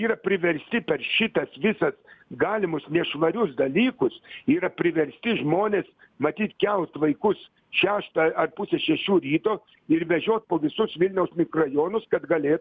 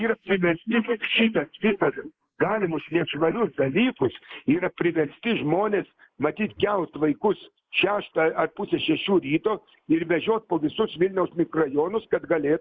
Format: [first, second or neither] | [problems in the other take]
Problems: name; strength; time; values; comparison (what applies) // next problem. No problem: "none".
first | noise reduction (neural mask model Resemble Enhance denoiser)